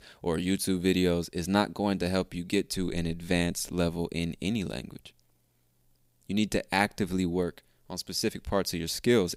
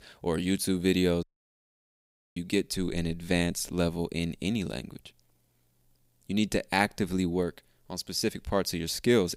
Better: first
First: none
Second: audio cutting out; at 1 s for 1 s

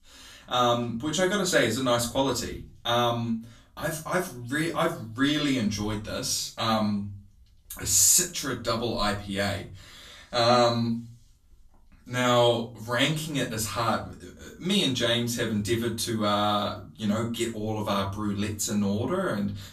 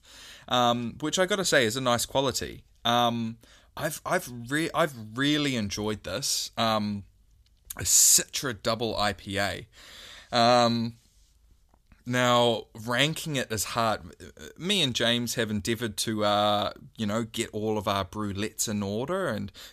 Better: second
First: off-mic speech; far // room echo; slight; dies away in 0.3 s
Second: none

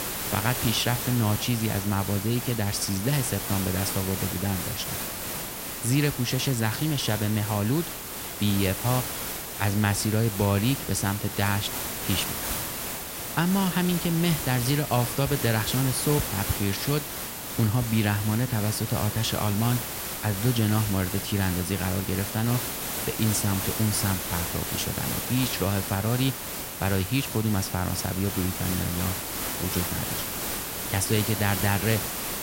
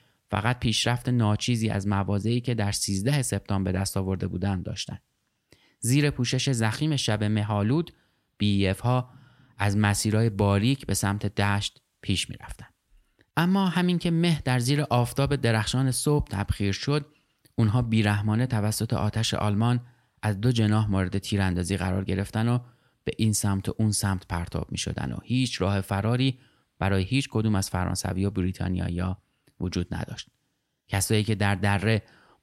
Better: second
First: hiss; loud; throughout; 3 dB below the speech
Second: none

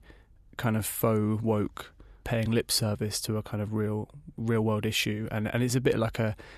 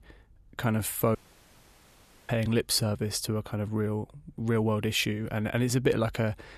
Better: first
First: none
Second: audio cutting out; at 1 s for 1 s

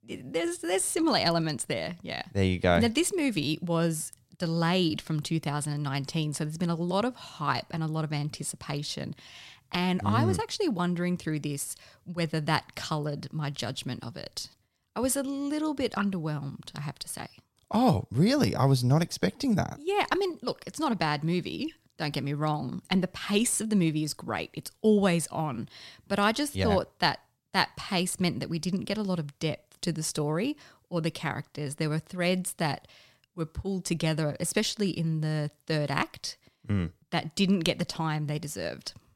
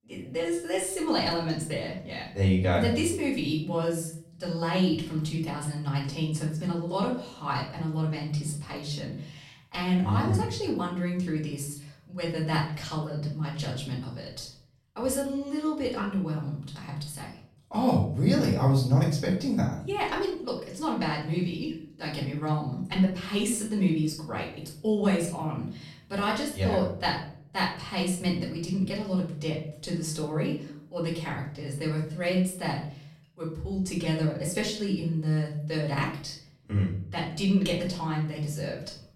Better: first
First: none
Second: off-mic speech; far // room echo; noticeable; dies away in 0.6 s

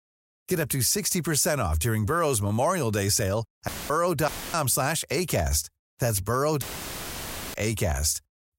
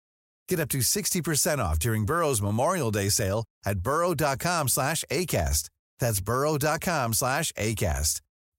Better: second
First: audio cutting out; filled with static; at 3.5 s, at 4.5 s and at 6.5 s for 1 s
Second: none

